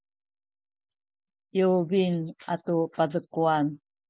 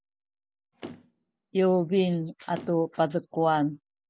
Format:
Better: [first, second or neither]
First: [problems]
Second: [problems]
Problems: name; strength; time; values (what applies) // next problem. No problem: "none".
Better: first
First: none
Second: background sound (Motor vehicle (road)); 20 dB below the speech